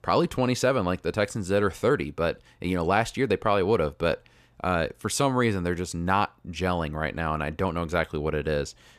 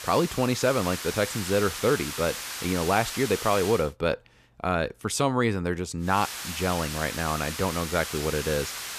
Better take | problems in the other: first | hiss; loud; until 4 s and from 6 s on; 7 dB below the speech

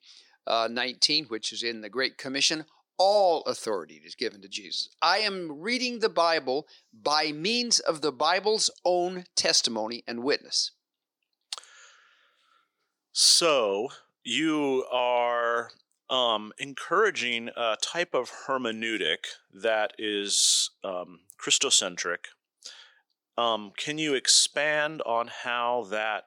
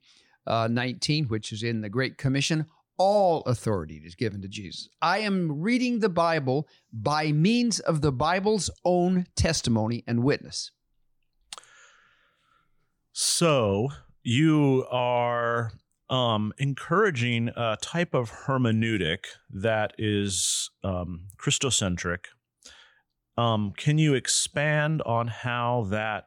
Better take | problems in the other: second | thin; somewhat; fading below 350 Hz

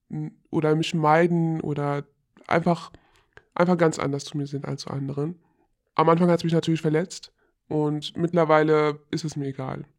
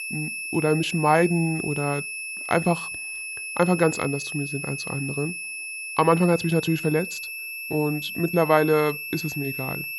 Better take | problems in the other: first | high-pitched whine; loud; throughout; 2.5 kHz, 6 dB below the speech

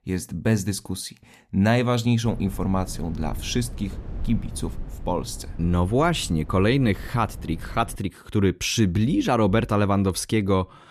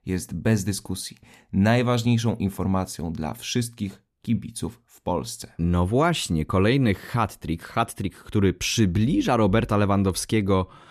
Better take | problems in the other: second | low rumble; faint; from 2.5 to 8 s; 20 dB below the speech

